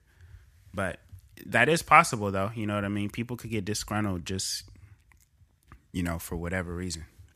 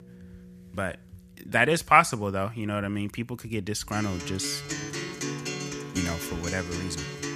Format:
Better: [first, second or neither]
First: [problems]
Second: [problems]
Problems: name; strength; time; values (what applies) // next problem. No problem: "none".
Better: first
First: none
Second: background music; loud; throughout; 7 dB below the speech